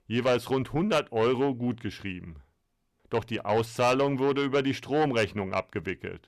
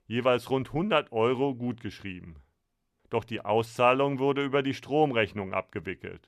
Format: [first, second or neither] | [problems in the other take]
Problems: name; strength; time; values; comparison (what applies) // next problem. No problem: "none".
second | distortion; slight; 10 dB below the speech